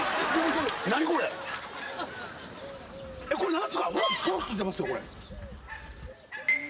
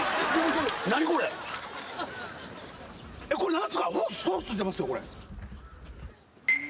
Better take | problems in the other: second | background sound (Fowl); 9 dB below the speech

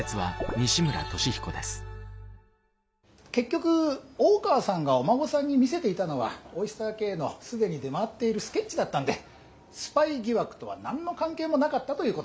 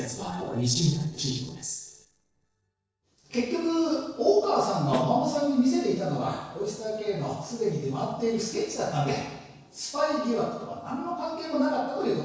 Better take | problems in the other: first | noise reduction (neural separator model SepFormer DNS4)

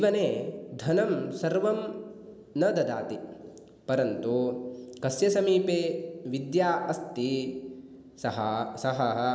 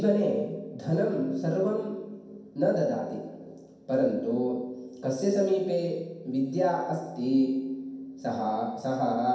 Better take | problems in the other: first | room echo; dies away in 0.6 s

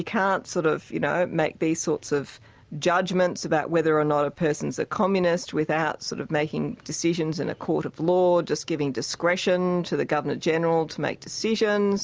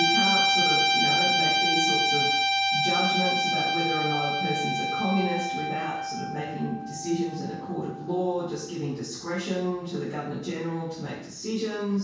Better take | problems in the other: first | background sound (Guitar); 3 dB above the speech // room echo; dies away in 0.6 s

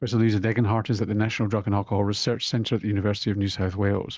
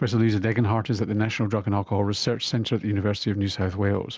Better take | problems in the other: second | noise reduction (neural mask model DeepFilterNet 3)

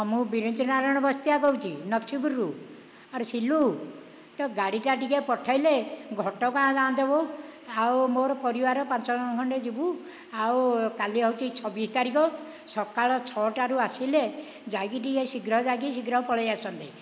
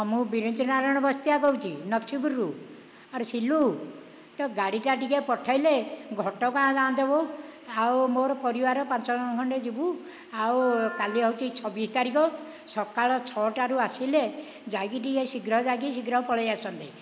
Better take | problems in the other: first | background sound (Wind instrument, woodwind instrument); 14 dB below the speech

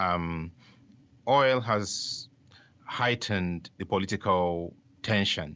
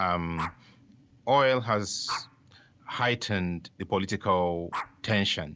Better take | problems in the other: first | background sound (Dog); 14 dB below the speech

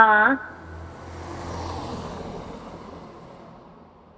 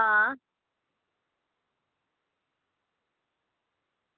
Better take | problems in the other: second | background sound (Car passing by); 11 dB below the speech // room echo; dies away in 1.6 s

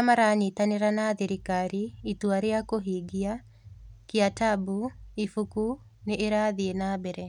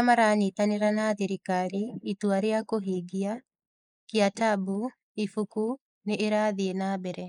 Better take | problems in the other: first | noise reduction (neural mask model Resemble Enhance denoiser)

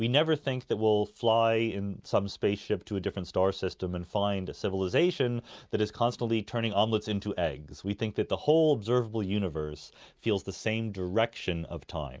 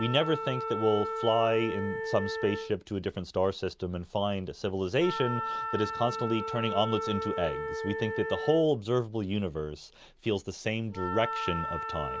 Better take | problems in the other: first | background sound (Wind instrument, woodwind instrument); 6 dB below the speech

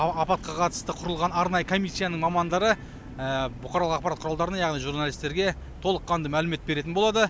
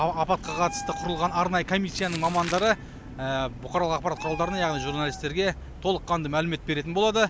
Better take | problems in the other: first | background sound (Meow + Crumpling, crinkling); 14 dB below the speech

